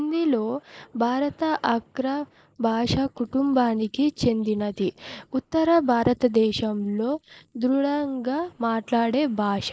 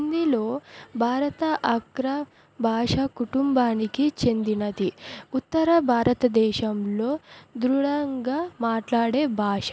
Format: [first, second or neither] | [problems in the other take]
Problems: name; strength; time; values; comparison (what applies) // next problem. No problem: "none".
second | noise reduction (neural mask model Resemble Enhance denoiser)